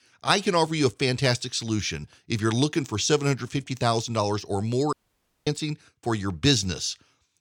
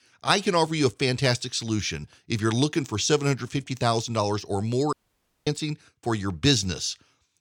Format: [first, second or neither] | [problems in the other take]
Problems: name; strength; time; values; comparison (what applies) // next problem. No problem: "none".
neither | audio cutting out; at 5 s for 0.5 s; the same in both